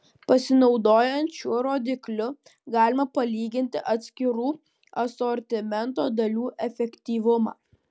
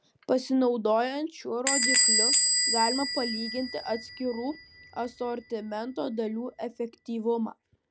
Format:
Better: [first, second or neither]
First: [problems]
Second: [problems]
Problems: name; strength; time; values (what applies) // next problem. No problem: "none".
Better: first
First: none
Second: background sound (Door / Bell); 1 dB above the speech